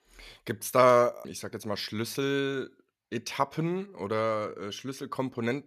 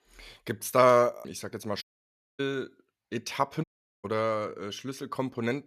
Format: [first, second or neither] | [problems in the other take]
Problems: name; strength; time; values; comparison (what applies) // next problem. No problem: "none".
first | audio cutting out; at 2 s for 0.5 s and at 3.5 s